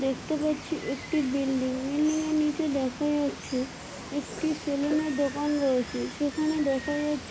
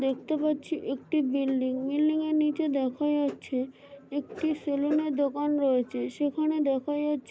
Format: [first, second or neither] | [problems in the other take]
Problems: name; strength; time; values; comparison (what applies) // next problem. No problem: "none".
second | background sound (Water); 12 dB below the speech